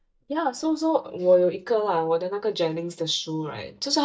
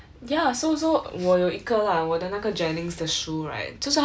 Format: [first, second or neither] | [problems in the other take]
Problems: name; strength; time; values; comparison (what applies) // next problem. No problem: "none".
second | noise reduction (neural mask model DeepFilterNet 3)